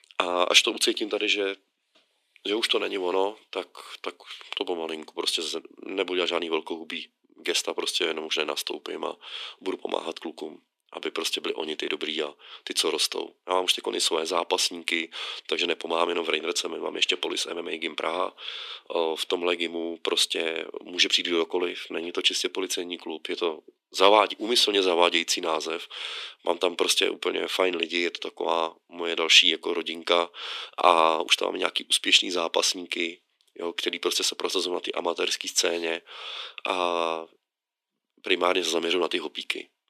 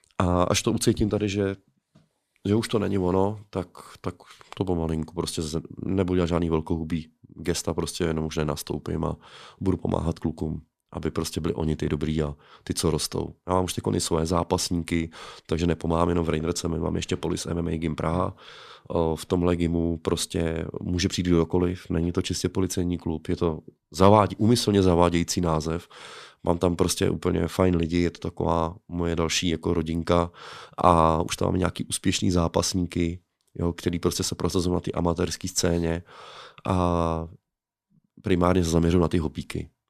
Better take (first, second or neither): second